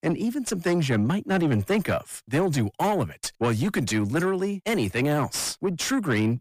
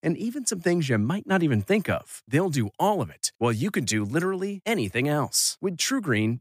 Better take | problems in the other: second | distortion; slight; 9 dB below the speech

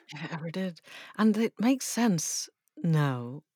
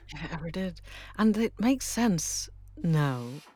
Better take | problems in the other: first | machinery noise; faint; throughout; 25 dB below the speech

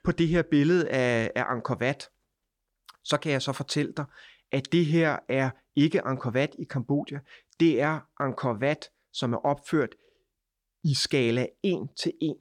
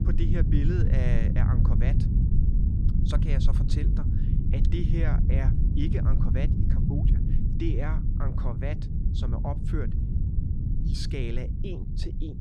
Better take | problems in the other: first | low rumble; loud; throughout; 1 dB below the speech

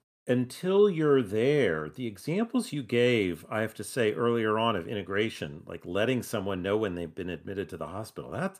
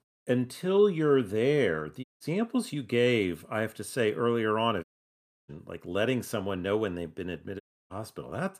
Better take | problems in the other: first | audio cutting out; at 2 s, at 5 s for 0.5 s and at 7.5 s

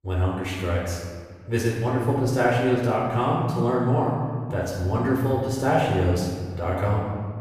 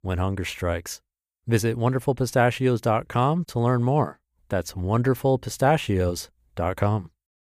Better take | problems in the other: second | off-mic speech; far // room echo; strong; dies away in 1.6 s

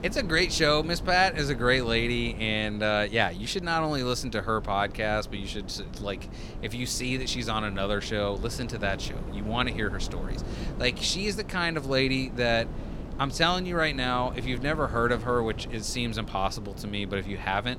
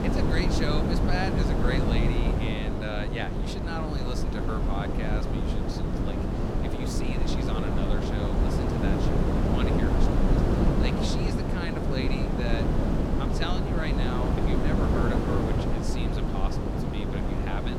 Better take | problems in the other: first | wind noise on the microphone; heavy; 3 dB above the speech; occasional gusts in the first

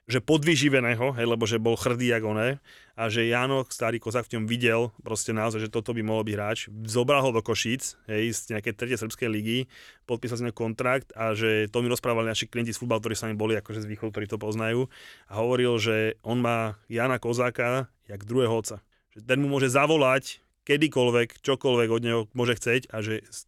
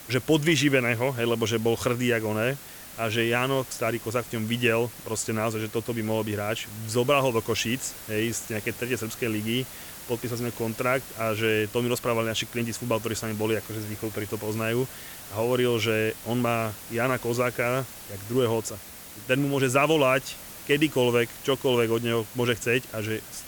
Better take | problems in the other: first | hiss; noticeable; throughout; 15 dB below the speech

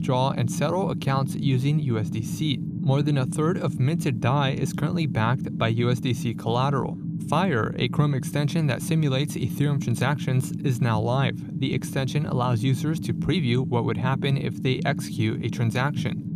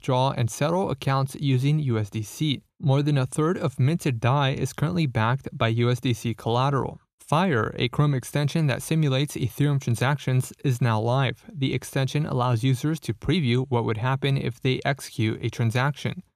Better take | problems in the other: second | low rumble; noticeable; throughout; 10 dB below the speech

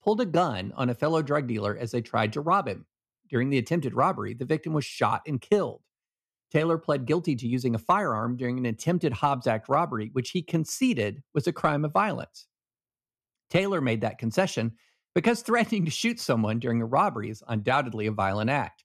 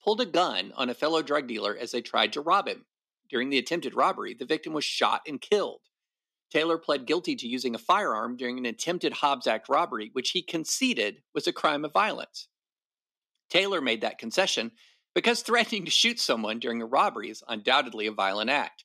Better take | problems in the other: first | thin; very slightly; fading below 250 Hz

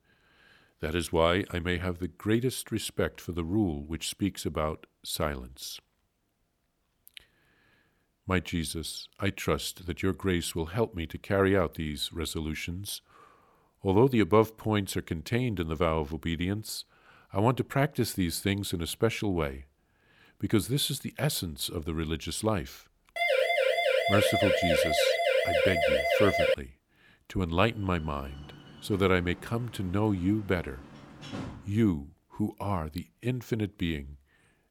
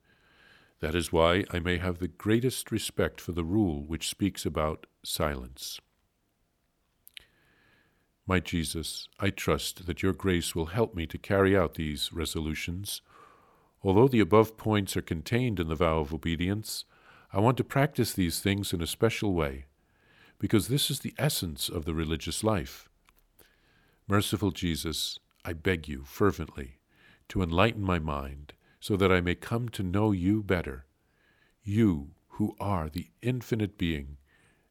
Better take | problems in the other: second | siren; loud; from 23 to 27 s; peak 5 dB above the speech // door banging; noticeable; from 28 to 32 s; peak 9 dB below the speech

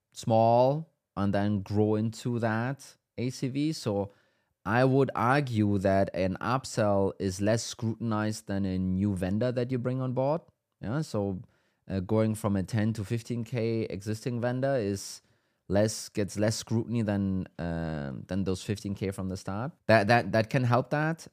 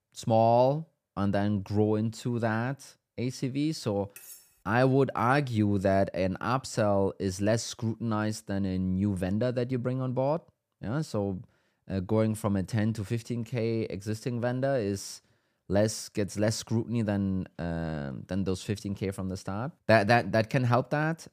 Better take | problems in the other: first | clattering dishes; faint; at 4 s; peak 15 dB below the speech

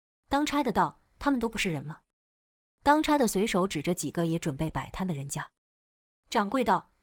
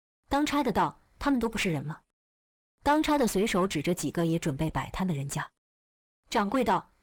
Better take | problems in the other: first | distortion; slight; 10 dB below the speech

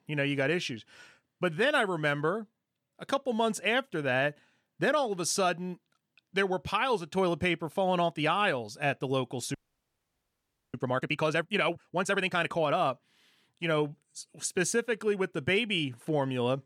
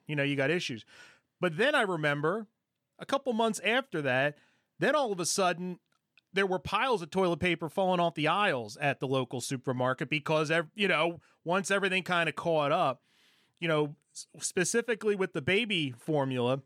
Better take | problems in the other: second | audio freezing; at 9.5 s for 1 s

